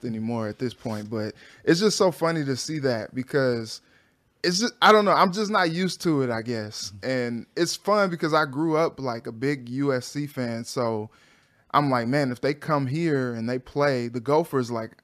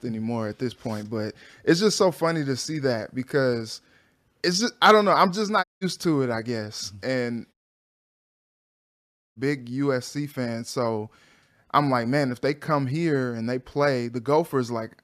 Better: first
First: none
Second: audio cutting out; at 5.5 s and at 7.5 s for 2 s

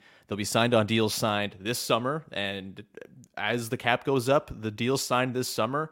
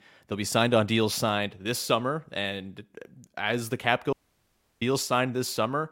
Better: first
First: none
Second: audio cutting out; at 4 s for 0.5 s

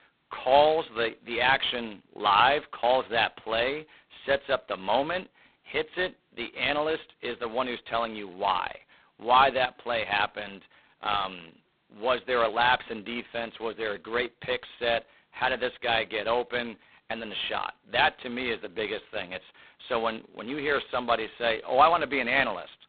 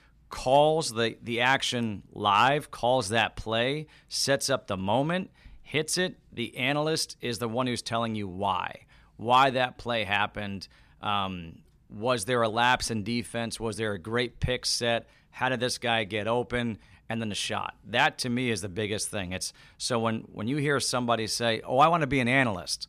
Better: second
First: phone-call audio; poor line; nothing above 4 kHz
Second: none

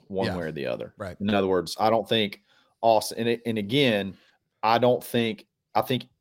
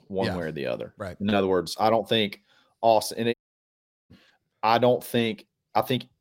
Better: first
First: none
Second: audio cutting out; at 3.5 s for 1 s

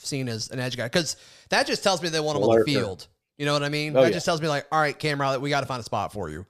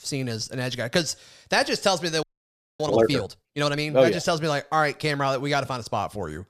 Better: first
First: none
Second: audio freezing; at 2 s for 0.5 s

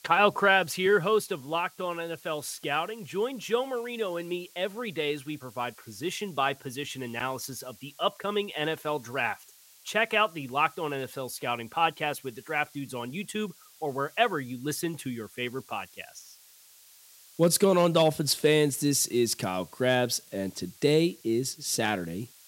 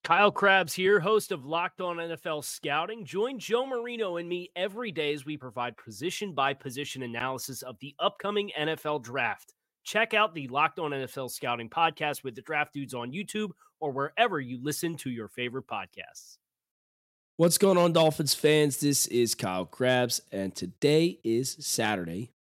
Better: second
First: hiss; faint; throughout; 25 dB below the speech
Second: none

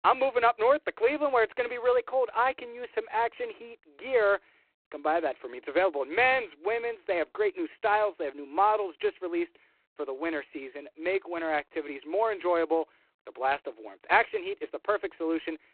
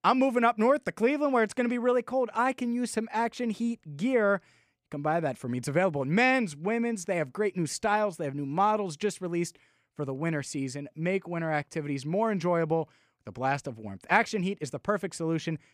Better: second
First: phone-call audio; poor line; nothing above 4 kHz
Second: none

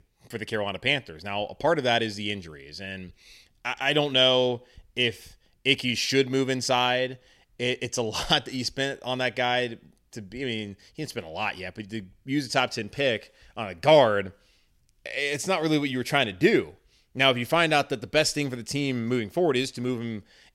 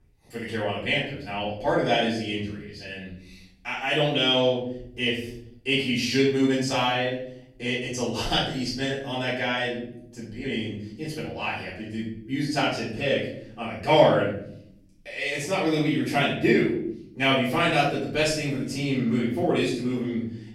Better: first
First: none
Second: off-mic speech; far // room echo; noticeable; dies away in 0.8 s

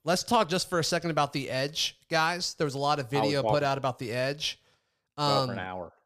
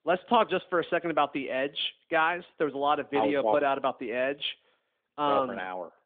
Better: first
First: none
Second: phone-call audio; nothing above 3.5 kHz

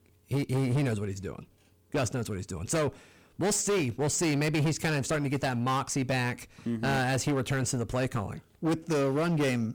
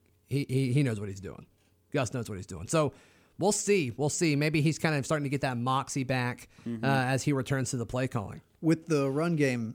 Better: second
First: distortion; heavy; 16% of the sound clipped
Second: none

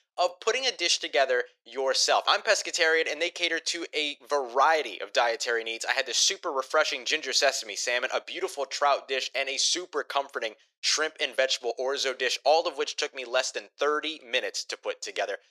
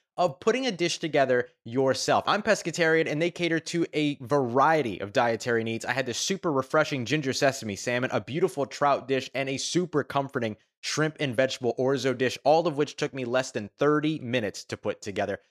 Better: second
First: thin; very; fading below 450 Hz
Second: none

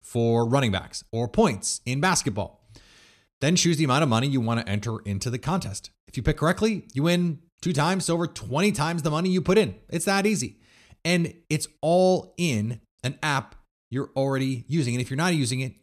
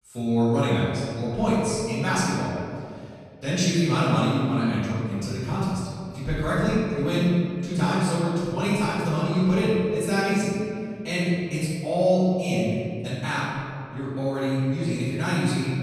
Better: first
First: none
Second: off-mic speech; far // room echo; strong; dies away in 2.2 s

